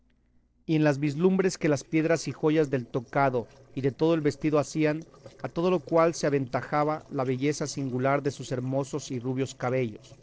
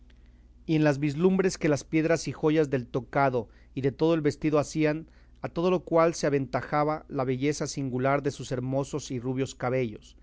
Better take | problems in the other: second | noise reduction (neural separator model SepFormer DNS4)

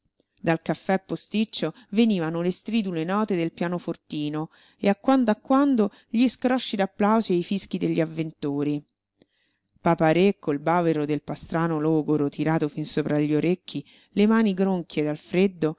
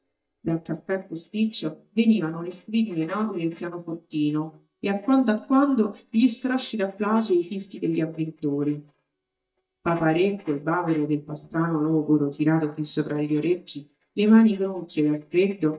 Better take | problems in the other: first | noise reduction (neural mask model DeepFilterNet 3)

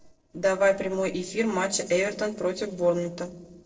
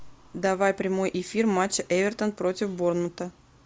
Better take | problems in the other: second | noise reduction (neural separator model SepFormer DNS4)

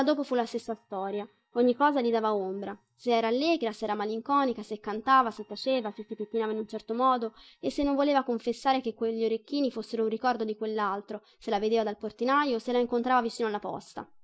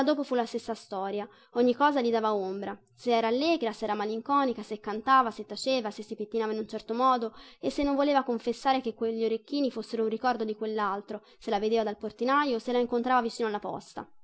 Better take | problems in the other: second | noise reduction (neural mask model DeepFilterNet 3)

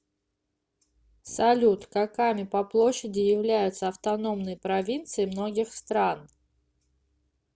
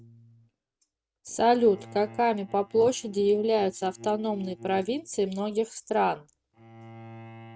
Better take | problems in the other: first | noise reduction (neural mask model RNNoise)

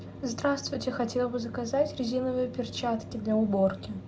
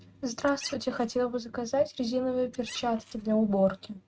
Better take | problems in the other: first | noise reduction (neural mask model RNNoise)

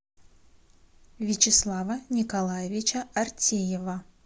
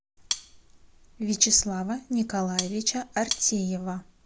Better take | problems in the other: first | background sound (Cutlery, silverware); 7 dB below the speech

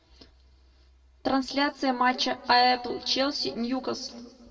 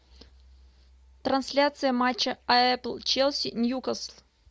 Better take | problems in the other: second | room echo; dies away in 1.5 s

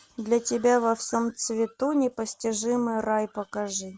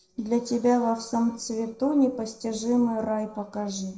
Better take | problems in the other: first | noise reduction (neural separator model SepFormer DNS4)

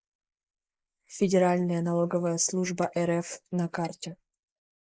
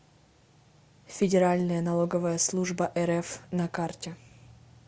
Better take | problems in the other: second | noise reduction (neural mask model Resemble Enhance denoiser)

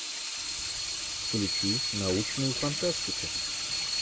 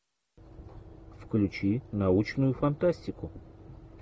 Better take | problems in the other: second | background sound (Sink (filling or washing) / Water tap, faucet); 3 dB above the speech

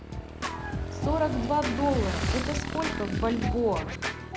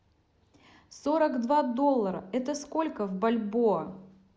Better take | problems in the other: second | background sound (Scratching (performance technique) + Motorcycle / Engine); 1 dB below the speech

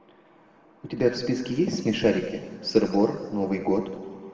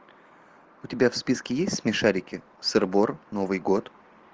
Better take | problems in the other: second | room echo; dies away in 1.6 s

